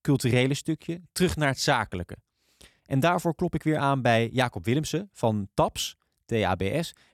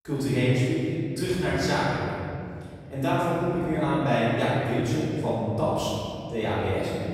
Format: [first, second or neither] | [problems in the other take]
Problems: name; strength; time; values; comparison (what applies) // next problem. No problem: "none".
first | off-mic speech; far // room echo; strong; dies away in 2.4 s